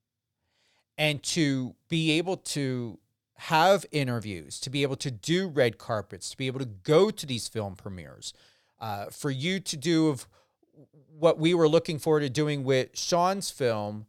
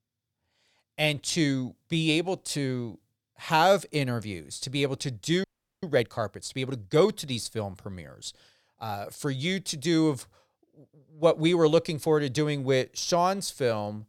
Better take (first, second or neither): first